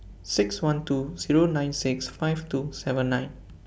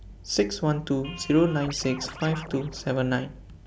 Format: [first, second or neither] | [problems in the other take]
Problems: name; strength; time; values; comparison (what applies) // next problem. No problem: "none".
first | background sound (Scratching (performance technique)); 15 dB below the speech